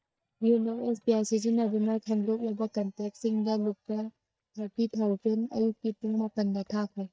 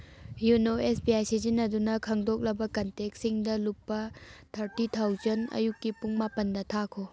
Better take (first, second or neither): second